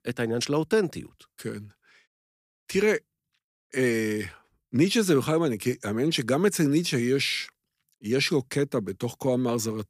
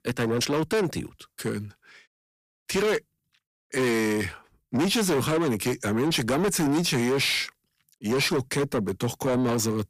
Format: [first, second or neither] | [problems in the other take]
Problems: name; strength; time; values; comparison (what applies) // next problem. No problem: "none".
first | distortion; heavy; 7 dB below the speech